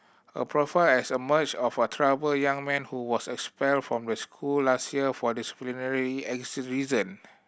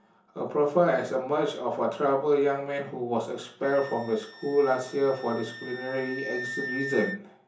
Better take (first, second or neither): first